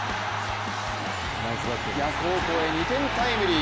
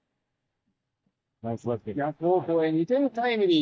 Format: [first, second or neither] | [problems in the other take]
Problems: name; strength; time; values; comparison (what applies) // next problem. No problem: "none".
first | noise reduction (neural mask model DeepFilterNet 3)